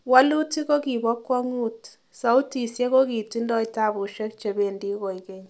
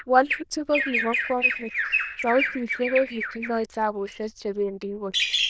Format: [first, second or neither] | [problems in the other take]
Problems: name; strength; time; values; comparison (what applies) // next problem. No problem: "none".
first | noise reduction (neural diffusion model UNIVERSE++)